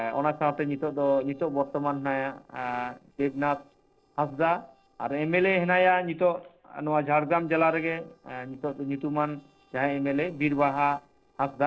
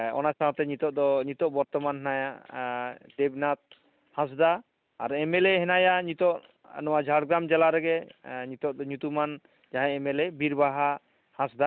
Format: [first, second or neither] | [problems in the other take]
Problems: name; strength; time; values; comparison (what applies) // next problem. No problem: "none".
second | noise reduction (neural separator model SepFormer DNS4)